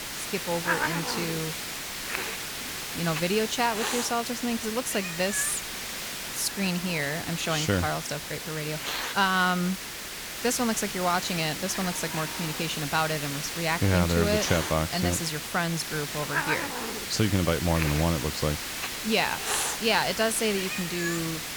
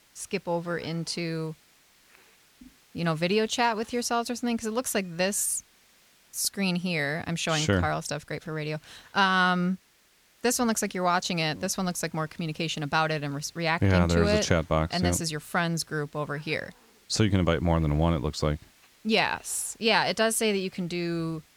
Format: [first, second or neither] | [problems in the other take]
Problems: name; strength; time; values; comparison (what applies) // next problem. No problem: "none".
second | hiss; loud; throughout; 3 dB below the speech; faint in the second